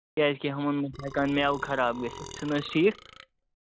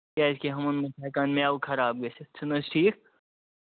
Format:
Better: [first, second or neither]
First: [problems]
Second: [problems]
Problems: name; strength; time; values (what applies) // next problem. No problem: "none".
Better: second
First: background sound (Burping, eructation); 16 dB below the speech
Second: none